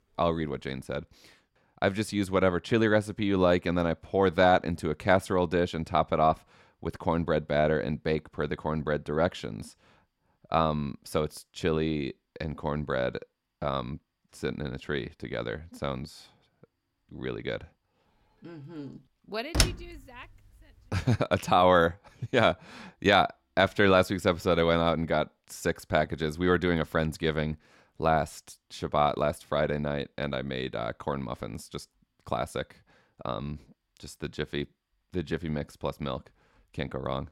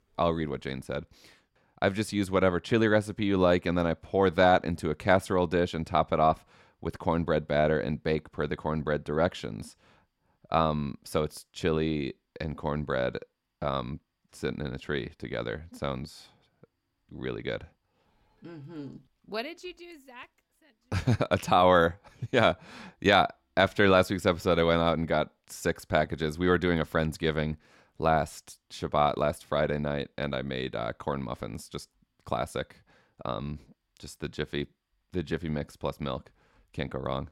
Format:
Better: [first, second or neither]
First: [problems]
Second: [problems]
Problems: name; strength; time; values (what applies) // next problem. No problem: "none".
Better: second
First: door banging; loud; at 20 s; peak 2 dB above the speech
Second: none